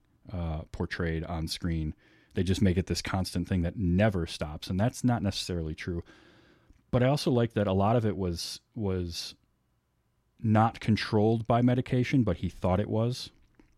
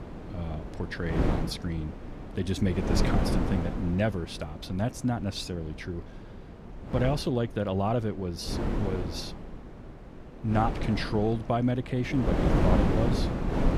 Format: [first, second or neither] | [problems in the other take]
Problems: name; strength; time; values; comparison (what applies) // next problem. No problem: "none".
first | wind noise on the microphone; heavy; 3 dB below the speech